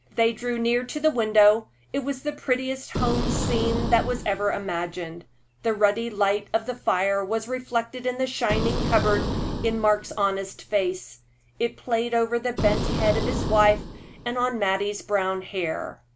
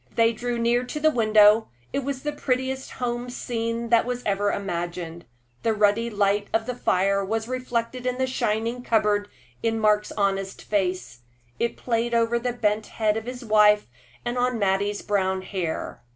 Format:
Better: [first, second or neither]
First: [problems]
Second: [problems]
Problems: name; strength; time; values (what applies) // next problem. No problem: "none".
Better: second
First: background sound (Boom); 3 dB below the speech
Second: none